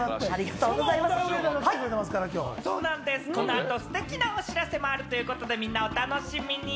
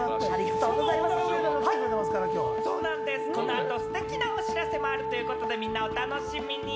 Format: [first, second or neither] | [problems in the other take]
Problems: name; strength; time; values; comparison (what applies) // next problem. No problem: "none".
first | background sound (Wind instrument, woodwind instrument); 2 dB above the speech